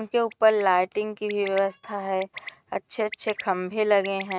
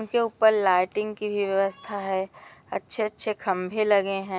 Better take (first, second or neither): second